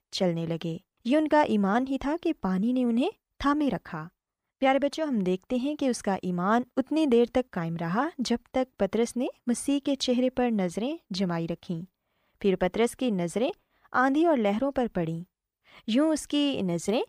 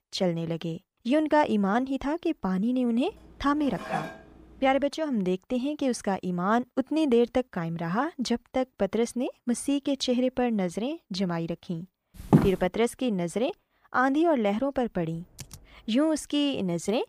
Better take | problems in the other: first | clattering dishes; noticeable; at 3.5 s; peak 6 dB below the speech // footsteps; loud; at 12 s; peak 4 dB above the speech // keyboard typing; faint; at 15 s; peak 20 dB below the speech

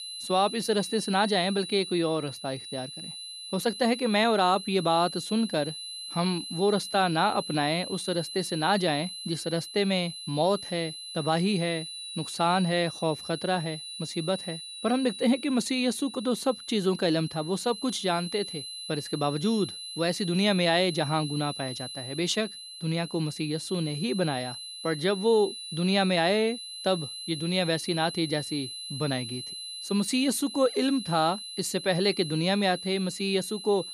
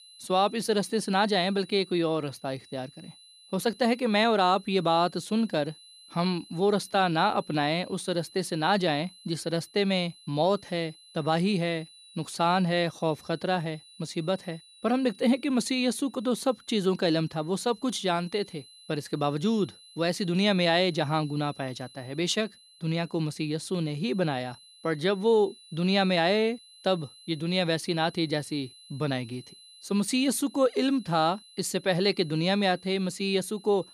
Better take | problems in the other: second | high-pitched whine; loud; throughout; 4 kHz, 9 dB below the speech; faint in the second

